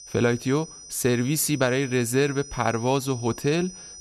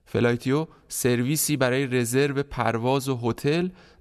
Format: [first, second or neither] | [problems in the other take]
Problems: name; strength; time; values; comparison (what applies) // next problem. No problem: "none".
second | high-pitched whine; noticeable; throughout; 6 kHz, 15 dB below the speech